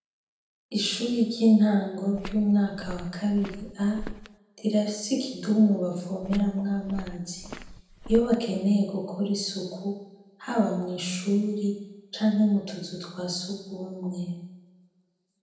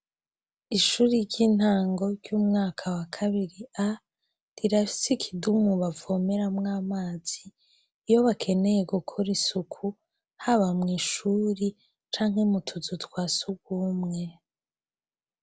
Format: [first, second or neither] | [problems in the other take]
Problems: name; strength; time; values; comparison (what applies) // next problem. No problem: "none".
second | background sound (Walk, footsteps); 13 dB below the speech // room echo; dies away in 0.8 s